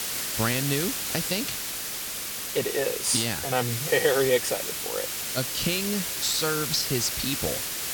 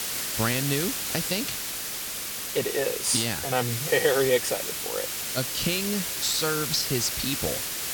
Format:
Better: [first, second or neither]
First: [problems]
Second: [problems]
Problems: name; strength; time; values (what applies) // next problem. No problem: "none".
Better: neither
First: hiss; loud; throughout; 1 dB below the speech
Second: hiss; loud; throughout; 1 dB below the speech